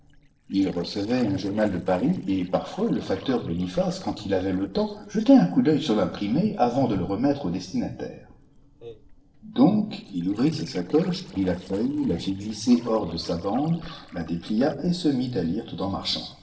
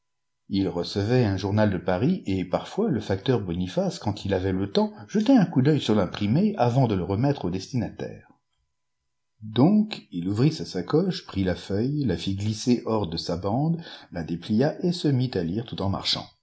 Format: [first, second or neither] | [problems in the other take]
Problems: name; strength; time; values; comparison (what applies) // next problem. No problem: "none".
second | noise reduction (neural separator model SepFormer DNS4)